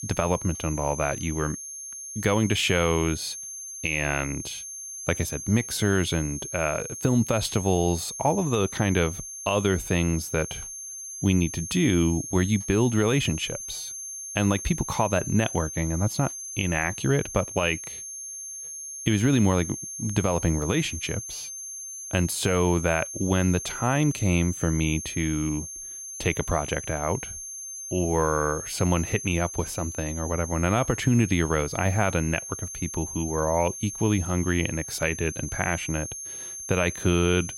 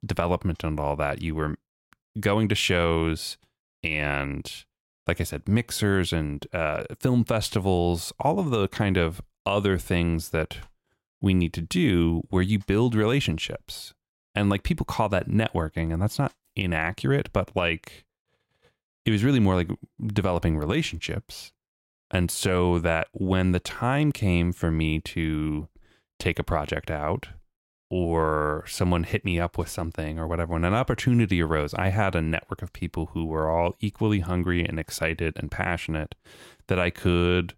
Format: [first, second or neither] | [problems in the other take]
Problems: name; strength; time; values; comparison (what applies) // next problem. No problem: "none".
second | high-pitched whine; loud; throughout; 6.5 kHz, 8 dB below the speech